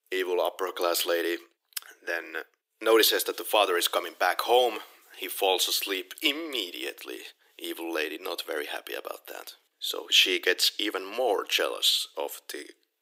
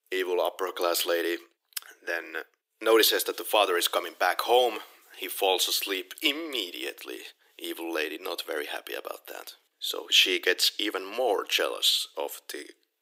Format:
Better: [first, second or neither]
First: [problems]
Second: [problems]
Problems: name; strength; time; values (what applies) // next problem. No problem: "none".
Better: neither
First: thin; somewhat; fading below 300 Hz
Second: thin; somewhat; fading below 300 Hz